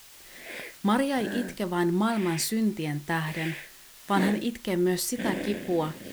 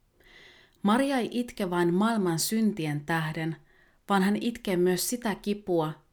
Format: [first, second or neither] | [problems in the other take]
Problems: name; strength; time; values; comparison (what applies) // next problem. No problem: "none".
second | hiss; loud; throughout; 10 dB below the speech